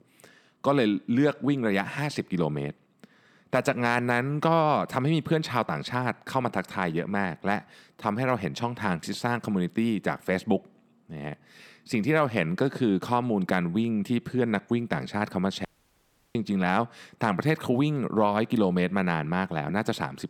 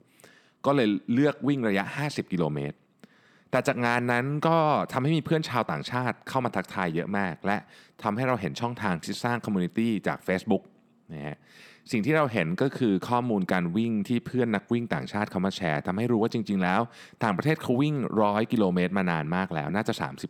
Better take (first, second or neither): second